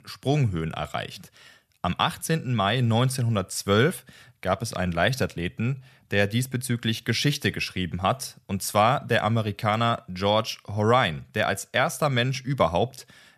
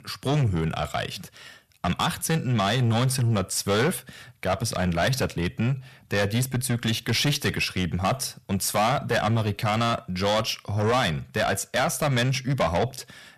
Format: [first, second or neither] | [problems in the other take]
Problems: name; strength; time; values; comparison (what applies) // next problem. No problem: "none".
first | distortion; heavy; 7 dB below the speech